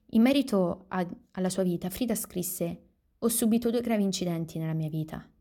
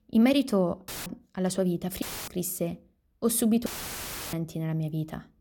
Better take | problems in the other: first | audio cutting out; filled with static; at 1 s, at 2 s and at 3.5 s for 0.5 s

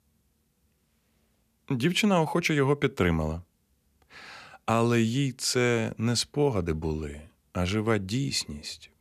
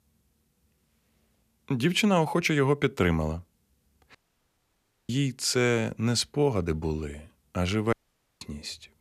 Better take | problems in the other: first | audio cutting out; at 4 s for 1 s and at 8 s

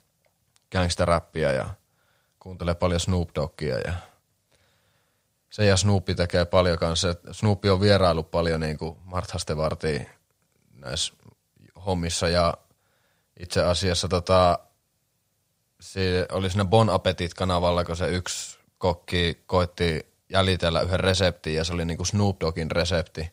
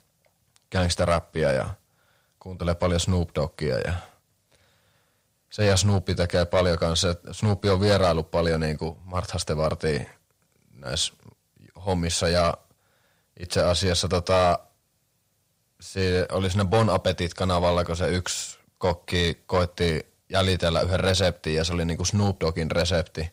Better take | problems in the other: first | distortion; slight; 10 dB below the speech

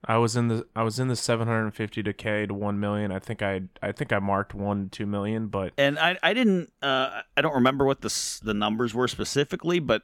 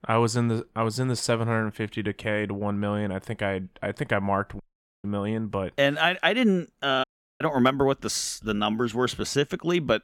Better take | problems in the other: first | audio cutting out; at 4.5 s and at 7 s

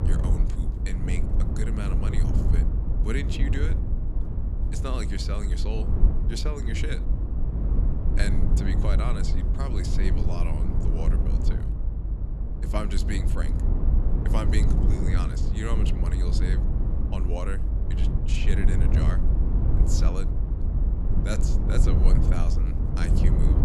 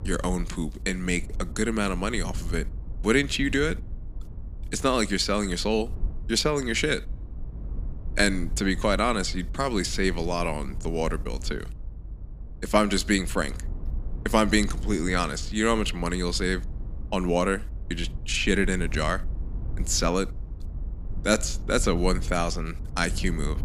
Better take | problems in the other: second | low rumble; loud; throughout; 2 dB below the speech; faint in the second

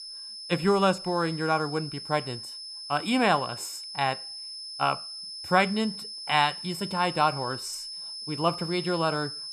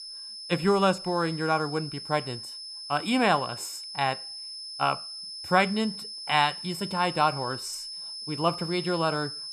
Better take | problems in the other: neither | high-pitched whine; loud; throughout; 5 kHz, 9 dB below the speech; the same in both

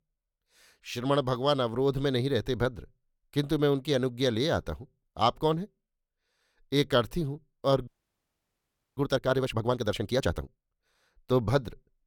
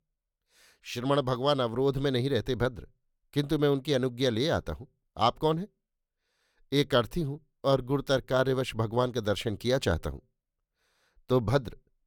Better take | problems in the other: second | audio freezing; at 8 s for 1 s

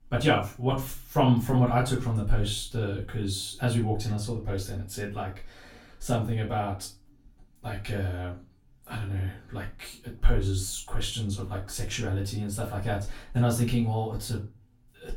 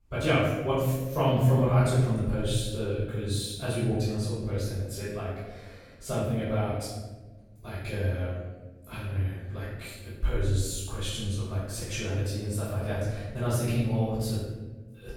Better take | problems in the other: first | room echo; strong; dies away in 1.2 s; slight in the first // off-mic speech; far; far in the first

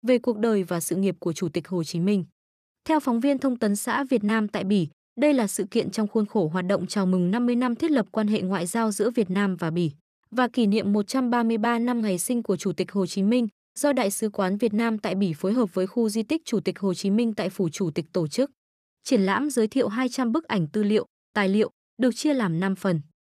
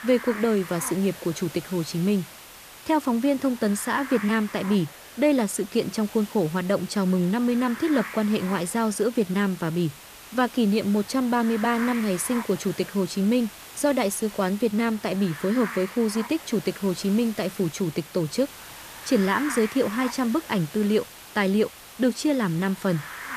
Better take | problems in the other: first | hiss; noticeable; throughout; 15 dB below the speech

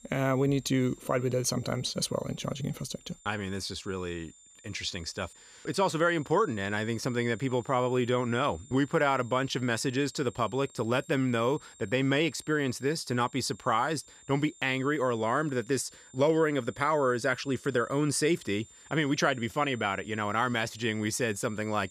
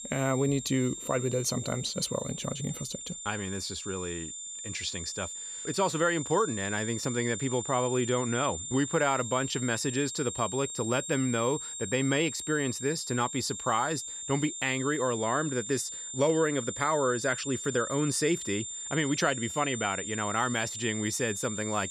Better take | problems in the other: first | high-pitched whine; loud; throughout; 7 kHz, 6 dB below the speech; faint in the first

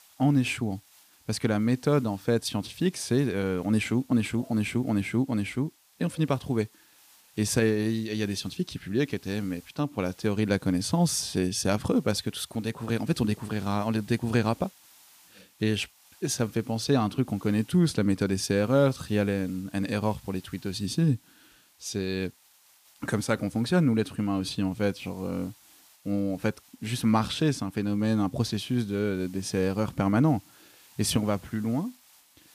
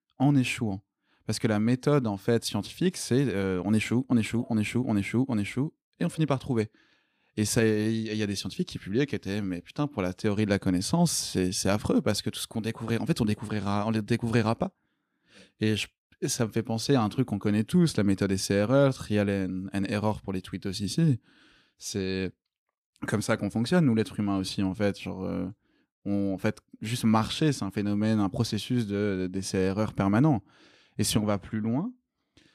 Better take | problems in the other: second | hiss; faint; throughout; 25 dB below the speech

